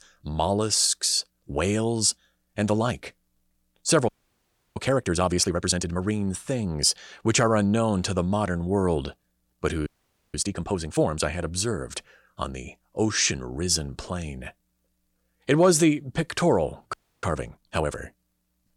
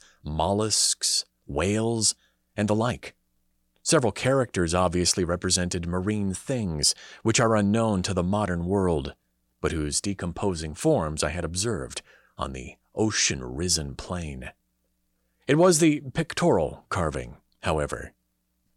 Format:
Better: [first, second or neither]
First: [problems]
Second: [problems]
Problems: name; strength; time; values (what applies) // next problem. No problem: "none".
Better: second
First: audio freezing; at 4 s for 0.5 s, at 10 s and at 17 s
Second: none